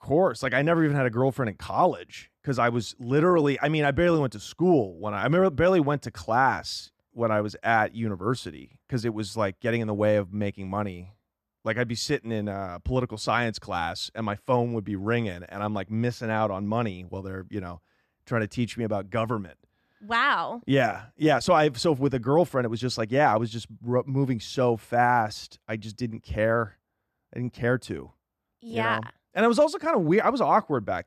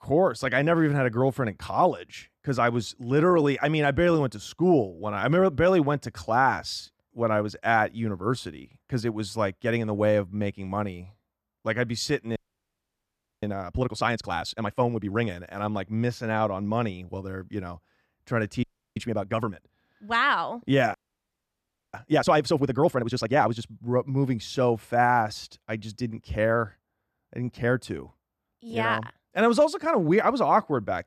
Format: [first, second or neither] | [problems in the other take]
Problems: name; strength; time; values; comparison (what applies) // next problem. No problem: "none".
first | audio freezing; at 12 s for 1 s, at 19 s and at 21 s for 1 s